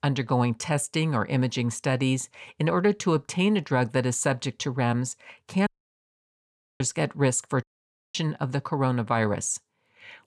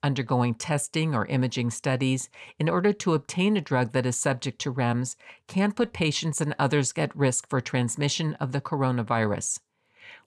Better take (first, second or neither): second